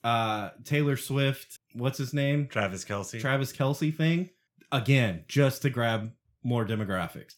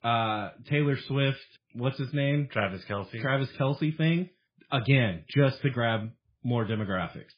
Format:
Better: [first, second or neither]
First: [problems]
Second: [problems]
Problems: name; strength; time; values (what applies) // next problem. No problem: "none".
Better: first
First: none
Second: garbled, watery; badly; nothing above 5 kHz